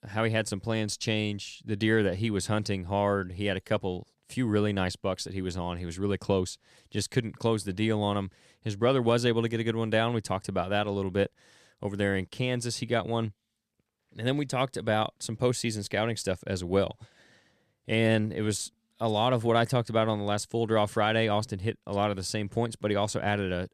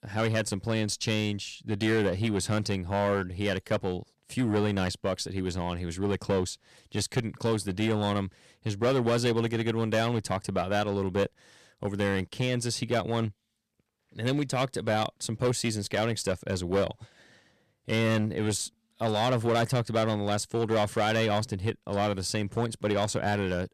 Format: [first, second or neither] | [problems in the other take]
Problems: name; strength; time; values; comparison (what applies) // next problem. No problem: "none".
first | distortion; slight; 6% of the sound clipped